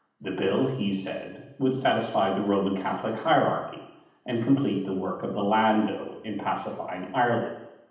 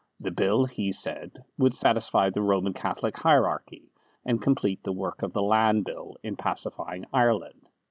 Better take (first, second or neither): second